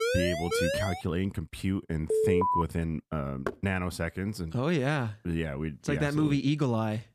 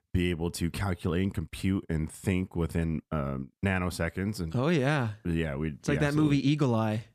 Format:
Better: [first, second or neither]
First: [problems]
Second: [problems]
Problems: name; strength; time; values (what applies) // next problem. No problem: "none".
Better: second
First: siren; loud; until 1 s; peak 2 dB above the speech // alarm; loud; at 2 s; peak 5 dB above the speech // door banging; noticeable; at 3.5 s; peak 7 dB below the speech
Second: none